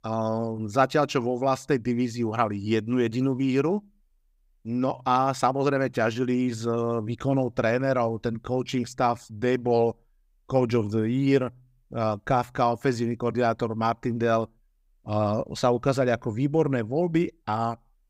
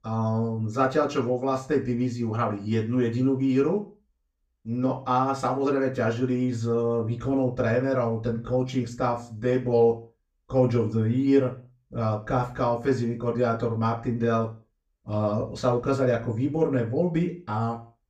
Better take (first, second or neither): first